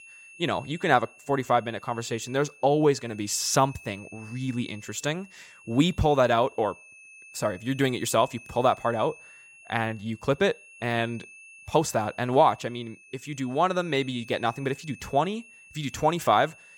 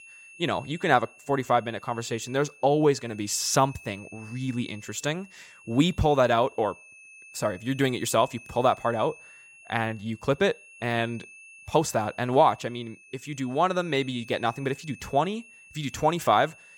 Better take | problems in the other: neither | high-pitched whine; faint; throughout; 2.5 kHz, 20 dB below the speech; the same in both

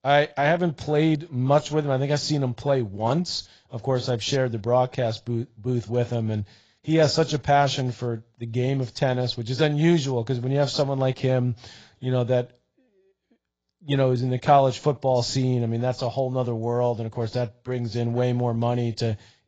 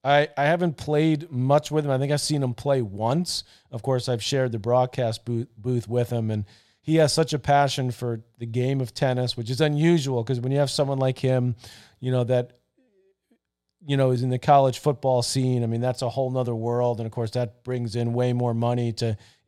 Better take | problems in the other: second | garbled, watery; badly; nothing above 7.5 kHz

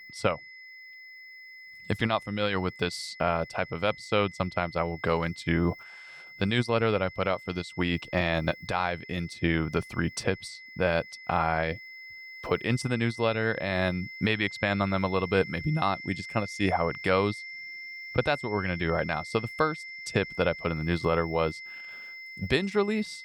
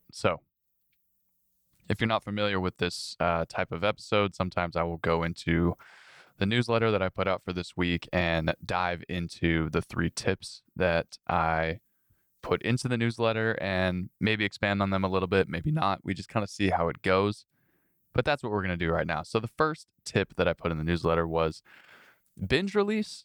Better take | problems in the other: second | high-pitched whine; noticeable; throughout; 2 kHz, 15 dB below the speech

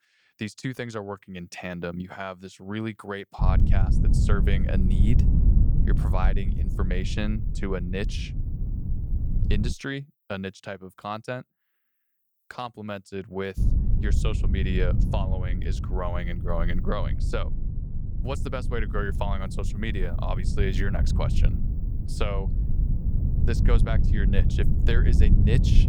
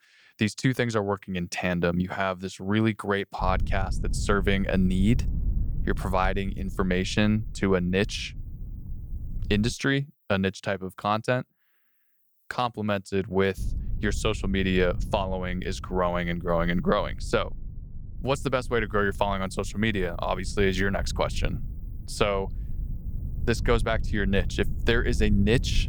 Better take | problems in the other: second | low rumble; loud; from 3.5 to 9.5 s and from 14 s on; 6 dB below the speech; faint in the second

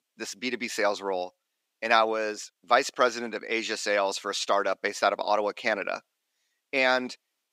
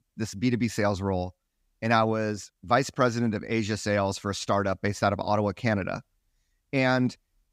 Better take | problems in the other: second | thin; somewhat; fading below 400 Hz

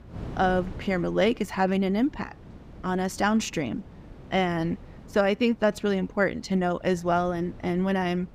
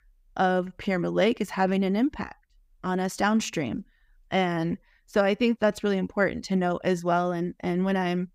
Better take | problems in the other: second | wind noise on the microphone; occasional gusts; 25 dB below the speech

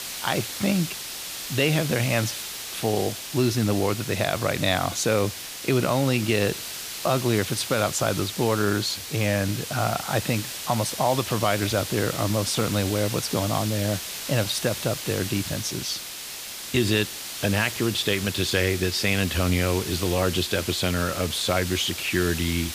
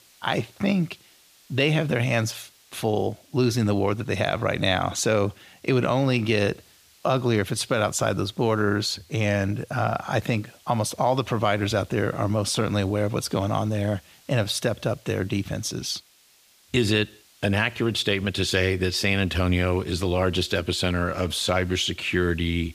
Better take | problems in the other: second | hiss; loud; throughout; 7 dB below the speech; faint in the second

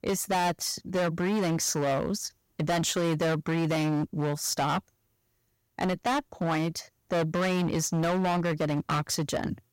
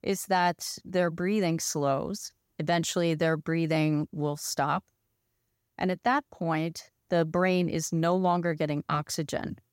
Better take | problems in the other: second | distortion; heavy; 20% of the sound clipped

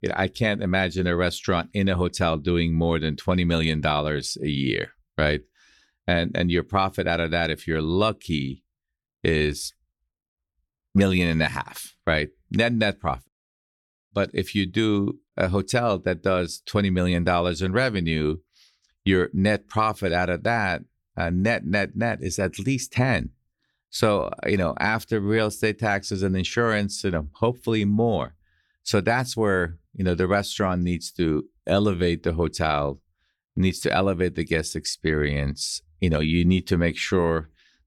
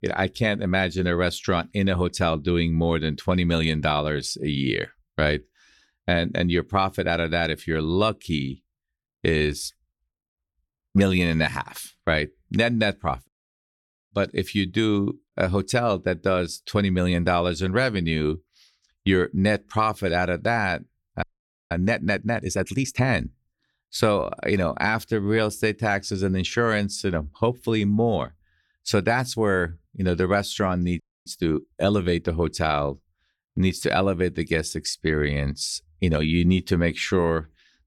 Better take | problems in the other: first | audio freezing; at 21 s and at 31 s

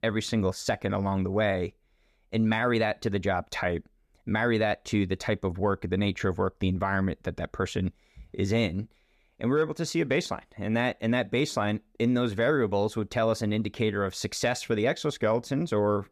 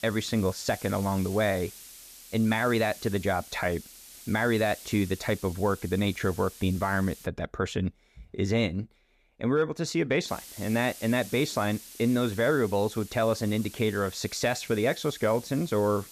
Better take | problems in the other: first | hiss; noticeable; until 7.5 s and from 10 s on; 15 dB below the speech

